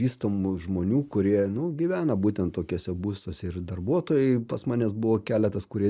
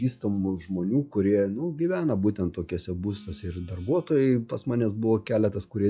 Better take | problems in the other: first | noise reduction (classical method log-MMSE)

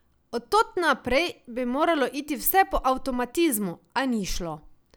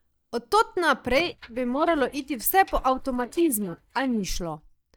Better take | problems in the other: first | noise reduction (neural mask model DeepFilterNet 3)

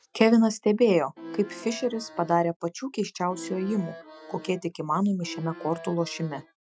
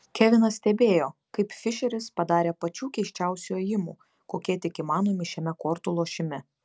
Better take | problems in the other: second | noise reduction (classical method Wiener filter)

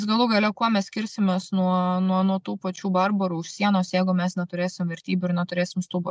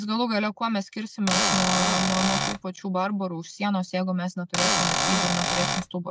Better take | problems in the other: first | background sound (Cupboard open or close / Door); 3 dB above the speech

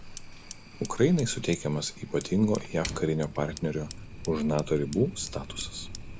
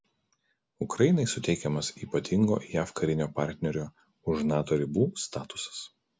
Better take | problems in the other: second | background sound (Fire + Livestock, farm animals, working animals); 12 dB below the speech

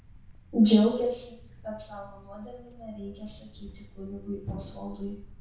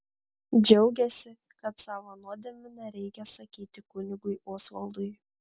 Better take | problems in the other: second | background sound (Thump, thud); 16 dB below the speech // room echo; dies away in 0.6 s

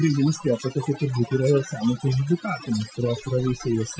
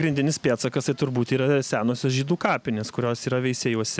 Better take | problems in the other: second | noise reduction (classical method Wiener filter)

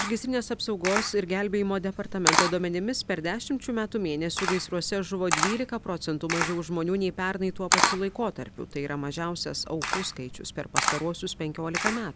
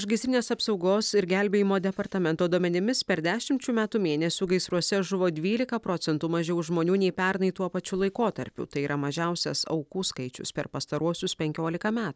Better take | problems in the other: second | background sound (Camera); 2 dB below the speech

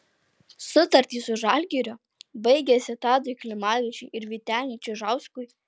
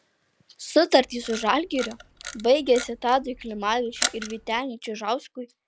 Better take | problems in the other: first | background sound (Camera); 11 dB below the speech

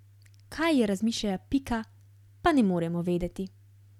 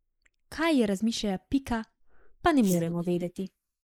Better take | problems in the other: first | noise reduction (neural mask model Resemble Enhance denoiser)

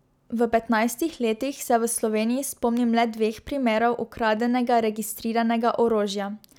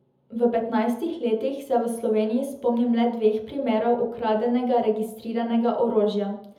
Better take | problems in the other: first | room echo; dies away in 0.7 s

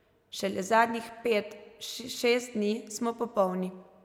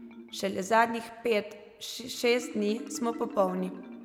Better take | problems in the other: first | background sound (Marimba, xylophone); 14 dB below the speech

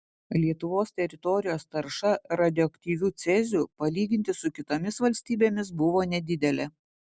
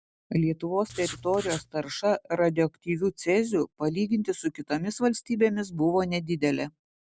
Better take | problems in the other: first | background sound (Writing); 12 dB below the speech

